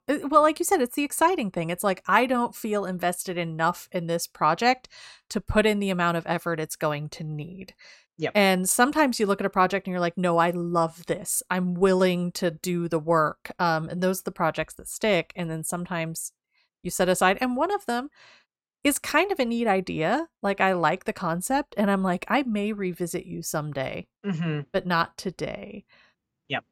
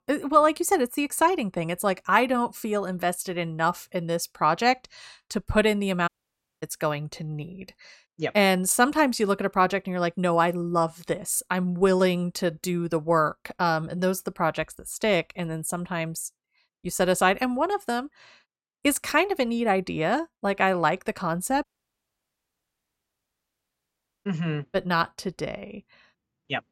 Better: first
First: none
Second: audio cutting out; at 6 s for 0.5 s and at 22 s for 2.5 s

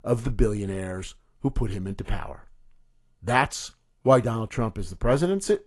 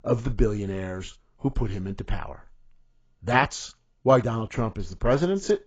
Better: first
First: garbled, watery; slightly; nothing above 11 kHz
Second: garbled, watery; badly; nothing above 7.5 kHz

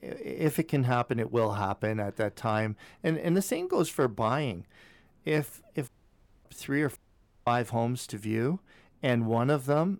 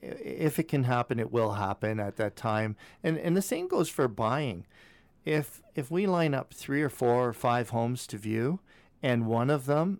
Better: second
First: audio cutting out; at 6 s for 0.5 s and at 7 s for 0.5 s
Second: none

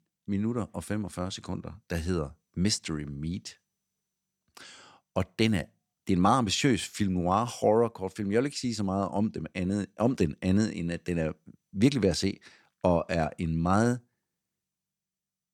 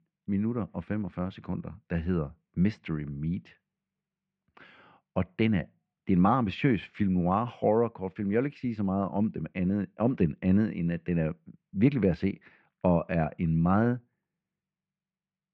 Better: first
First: none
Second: muffled; very; fading above 2.5 kHz

